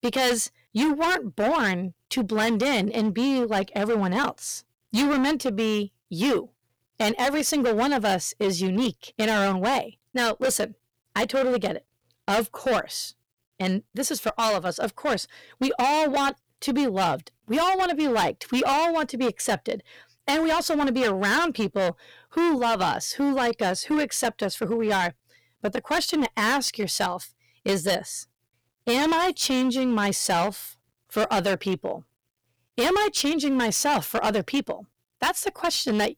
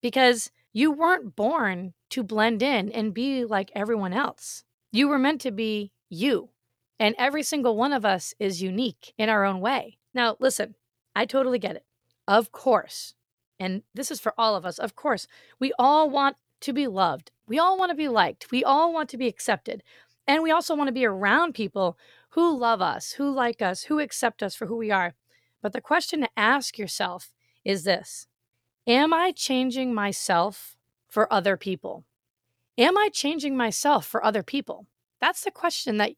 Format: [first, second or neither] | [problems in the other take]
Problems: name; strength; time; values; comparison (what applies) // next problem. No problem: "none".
second | distortion; heavy; 16% of the sound clipped